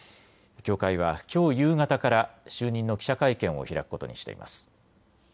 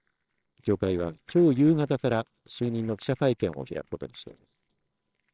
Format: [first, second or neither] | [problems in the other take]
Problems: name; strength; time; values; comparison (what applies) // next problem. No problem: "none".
first | noise reduction (neural separator model SepFormer WHAMR!)